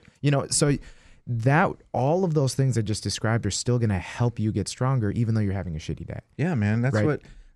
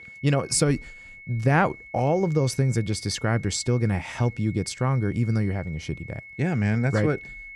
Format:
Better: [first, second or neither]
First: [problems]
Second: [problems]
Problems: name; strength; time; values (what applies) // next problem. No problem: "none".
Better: first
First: none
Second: high-pitched whine; noticeable; throughout; 2 kHz, 15 dB below the speech